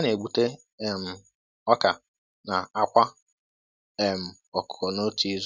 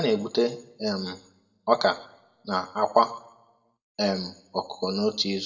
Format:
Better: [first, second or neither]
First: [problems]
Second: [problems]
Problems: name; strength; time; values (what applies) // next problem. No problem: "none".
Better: first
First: none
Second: room echo; dies away in 0.6 s